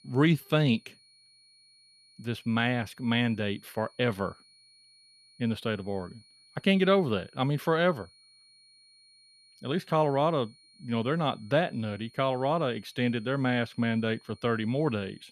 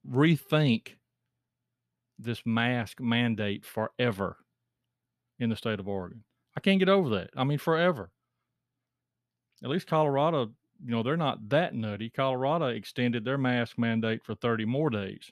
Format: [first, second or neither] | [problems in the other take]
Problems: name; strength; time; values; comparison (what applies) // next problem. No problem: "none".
second | high-pitched whine; faint; throughout; 4.5 kHz, 30 dB below the speech